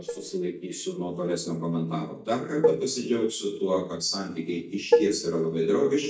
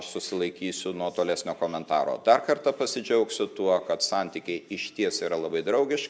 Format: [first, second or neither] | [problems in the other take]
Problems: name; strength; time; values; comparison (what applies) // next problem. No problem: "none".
second | noise reduction (neural mask model DeepFilterNet 3)